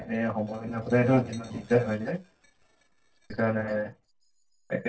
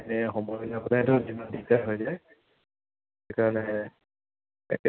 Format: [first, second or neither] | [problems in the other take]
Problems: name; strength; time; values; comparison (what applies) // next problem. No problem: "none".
second | noise reduction (neural separator model SepFormer DNS4)